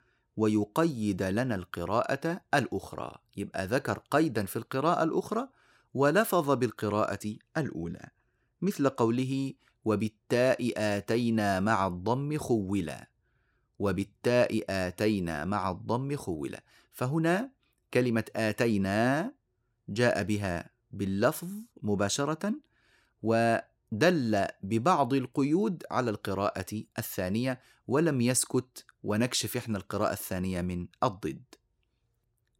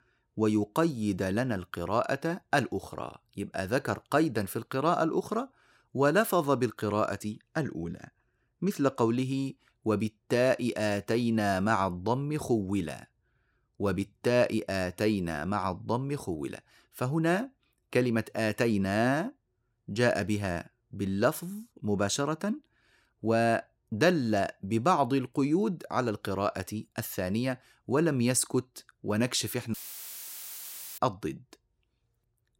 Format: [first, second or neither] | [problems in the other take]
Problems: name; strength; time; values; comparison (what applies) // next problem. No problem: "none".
first | audio cutting out; filled with static; at 30 s for 1 s